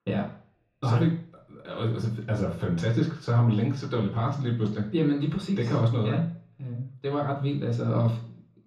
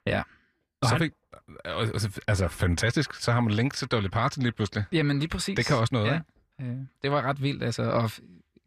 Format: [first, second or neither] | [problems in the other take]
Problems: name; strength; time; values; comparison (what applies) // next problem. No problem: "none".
second | room echo; noticeable; dies away in 0.8 s // off-mic speech; far